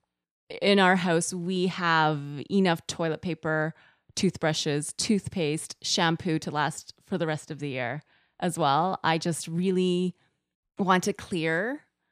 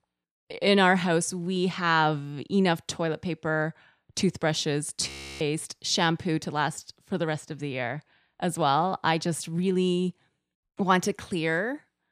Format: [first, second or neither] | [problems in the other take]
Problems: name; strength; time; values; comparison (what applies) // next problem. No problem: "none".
first | audio freezing; at 5 s